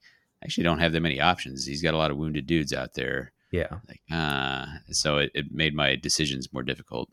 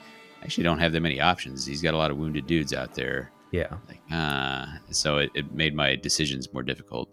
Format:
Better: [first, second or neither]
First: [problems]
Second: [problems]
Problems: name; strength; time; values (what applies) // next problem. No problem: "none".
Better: first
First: none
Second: background music; faint; throughout; 25 dB below the speech